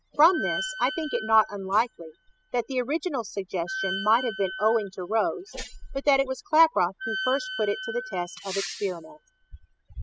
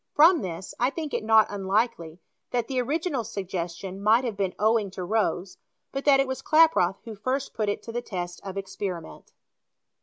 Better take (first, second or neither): second